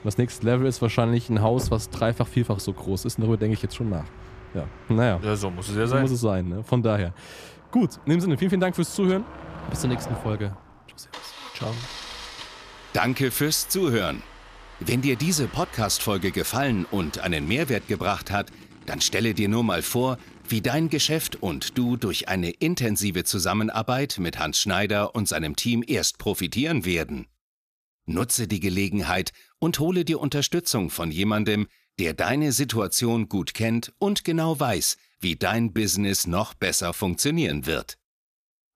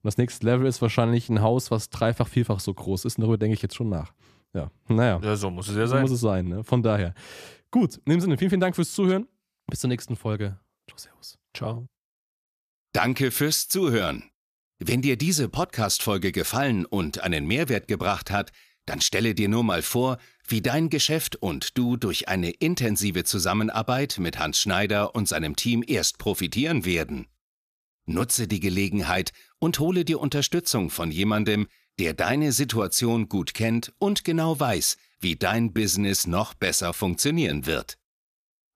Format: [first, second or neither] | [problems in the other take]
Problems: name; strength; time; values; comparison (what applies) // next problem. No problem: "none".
second | traffic noise; noticeable; until 22 s; 15 dB below the speech